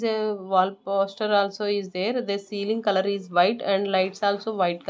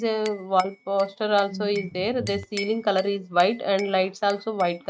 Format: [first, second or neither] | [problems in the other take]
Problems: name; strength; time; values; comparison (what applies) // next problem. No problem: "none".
first | noise reduction (neural mask model RNNoise)